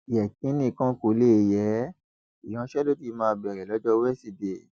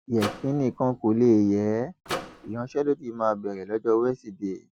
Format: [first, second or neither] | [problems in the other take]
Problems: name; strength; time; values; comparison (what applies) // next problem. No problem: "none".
first | background sound (Microwave oven); 12 dB below the speech